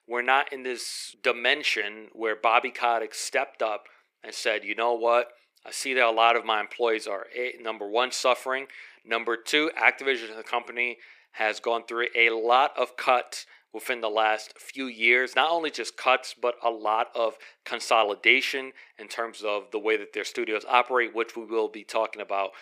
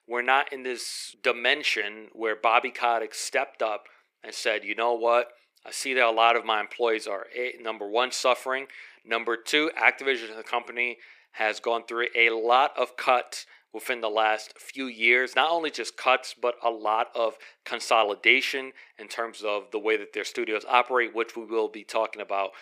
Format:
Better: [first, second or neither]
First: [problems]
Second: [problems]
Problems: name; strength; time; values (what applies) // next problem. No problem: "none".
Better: neither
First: thin; somewhat; fading below 350 Hz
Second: thin; somewhat; fading below 350 Hz